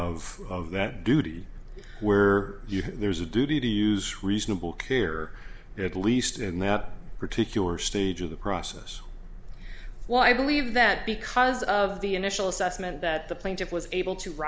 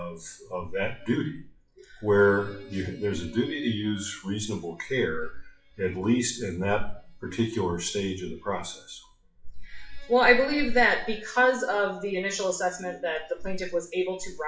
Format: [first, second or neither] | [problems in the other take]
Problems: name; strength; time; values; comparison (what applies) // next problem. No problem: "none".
first | noise reduction (classical method WPE with log-MMSE)